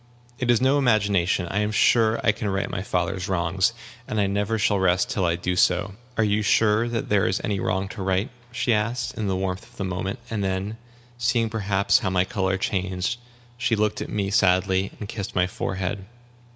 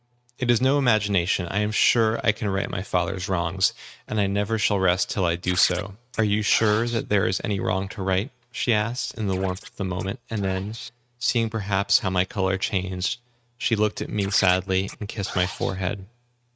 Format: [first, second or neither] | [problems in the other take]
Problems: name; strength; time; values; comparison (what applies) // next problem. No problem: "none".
first | noise reduction (neural mask model RNNoise)